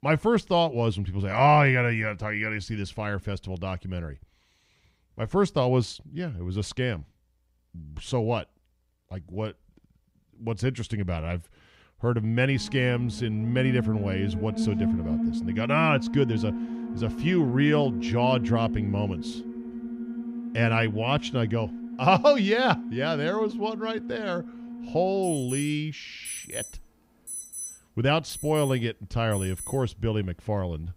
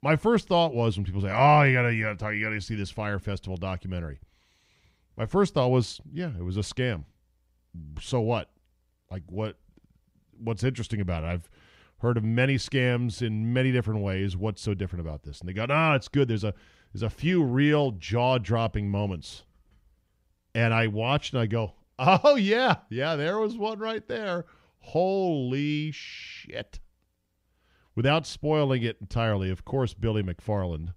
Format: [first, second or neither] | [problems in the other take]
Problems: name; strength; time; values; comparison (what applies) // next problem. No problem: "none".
second | alarms or sirens; loud; from 12 s on; 7 dB below the speech